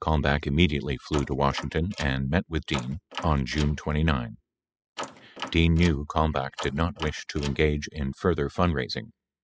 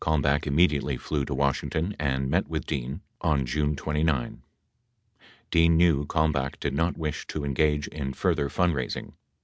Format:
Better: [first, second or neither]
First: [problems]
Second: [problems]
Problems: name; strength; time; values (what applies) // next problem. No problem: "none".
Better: second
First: noise reduction (classical method spectral subtraction)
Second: none